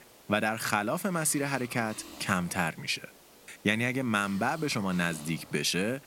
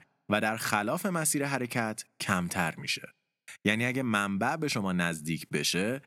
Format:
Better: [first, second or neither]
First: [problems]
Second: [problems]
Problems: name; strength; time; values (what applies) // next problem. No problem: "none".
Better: second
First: hiss; noticeable; throughout; 20 dB below the speech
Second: none